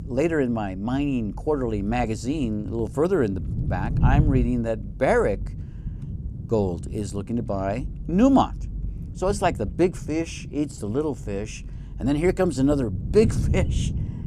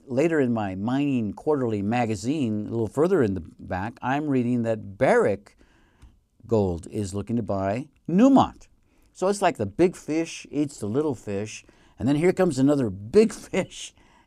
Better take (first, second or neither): second